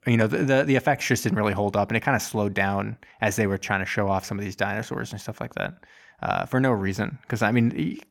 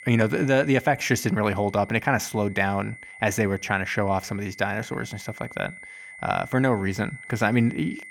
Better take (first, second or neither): first